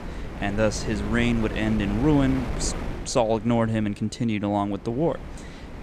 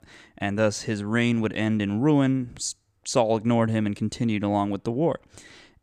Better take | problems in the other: second | wind noise on the microphone; occasional gusts; 10 dB below the speech

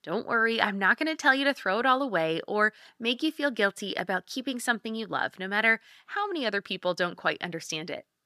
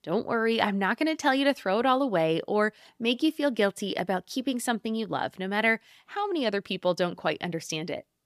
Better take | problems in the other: second | thin; very slightly; fading below 250 Hz

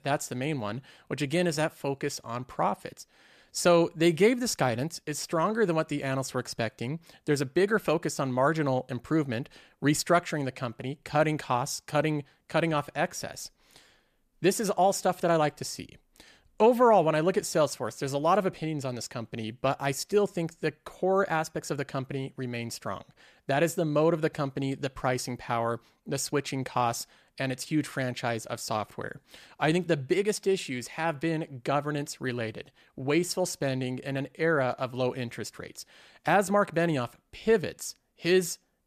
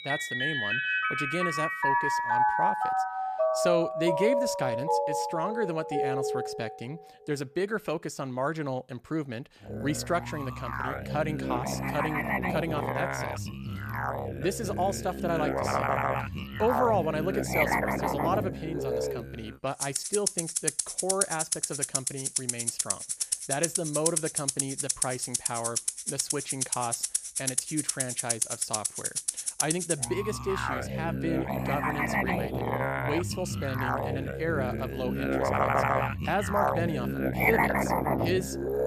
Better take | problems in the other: first | background music; very loud; throughout; 4 dB above the speech

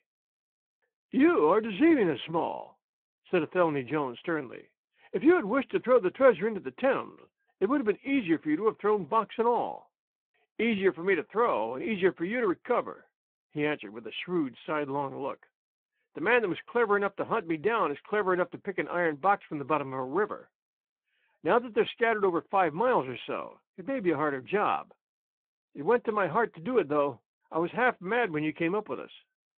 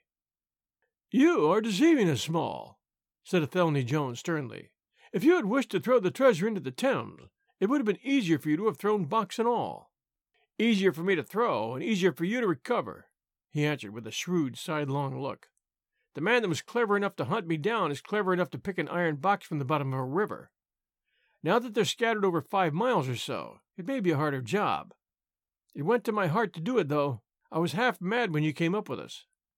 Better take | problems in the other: second | phone-call audio

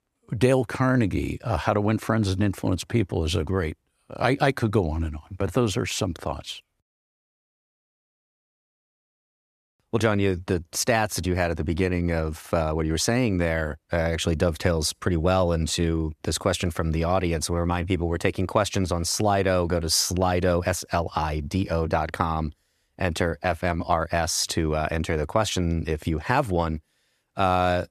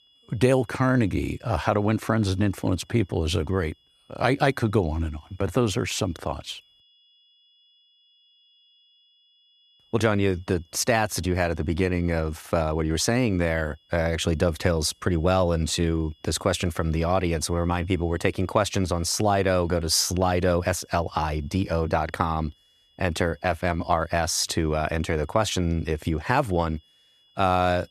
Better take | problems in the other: first | high-pitched whine; faint; throughout; 3.5 kHz, 35 dB below the speech

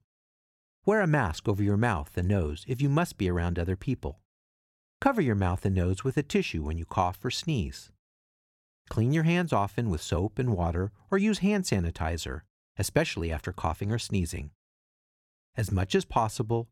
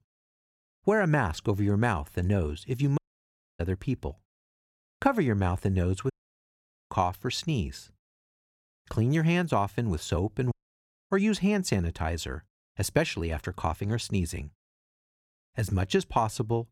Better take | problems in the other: first | audio cutting out; at 3 s for 0.5 s, at 6 s for 1 s and at 11 s for 0.5 s

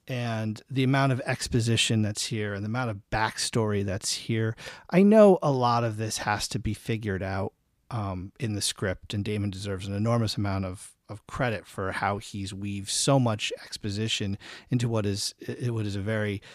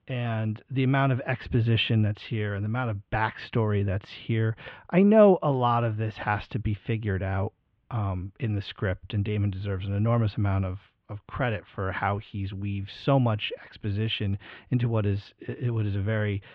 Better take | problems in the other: first | muffled; very; fading above 3 kHz

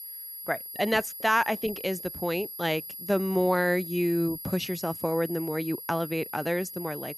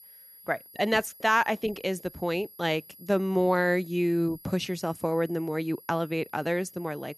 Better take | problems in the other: second | high-pitched whine; loud; throughout; 11.5 kHz, 9 dB below the speech; faint in the second

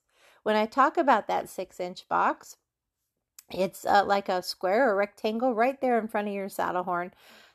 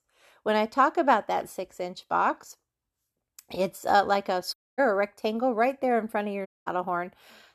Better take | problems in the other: first | audio cutting out; at 4.5 s and at 6.5 s

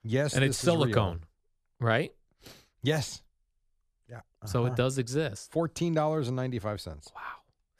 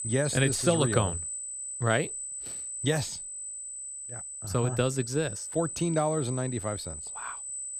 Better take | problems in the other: first | high-pitched whine; loud; throughout; 8 kHz, 6 dB below the speech

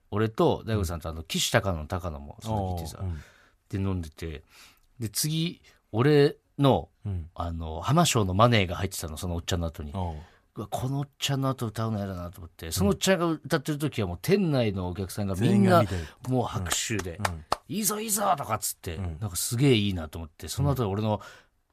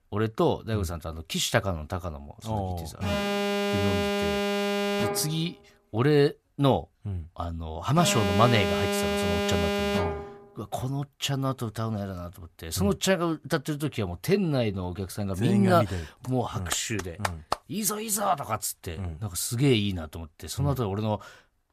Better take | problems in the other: first | alarm; loud; from 3 to 10 s; peak 1 dB above the speech

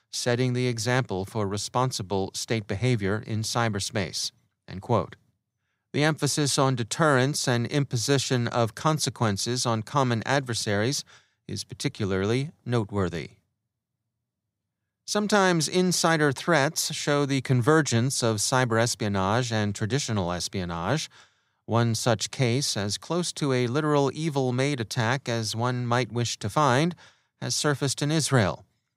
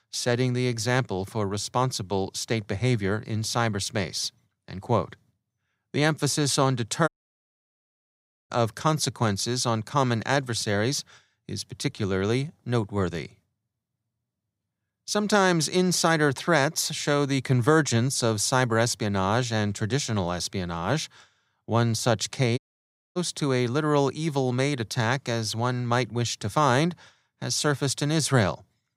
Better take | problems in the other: first | audio cutting out; at 7 s for 1.5 s and at 23 s for 0.5 s

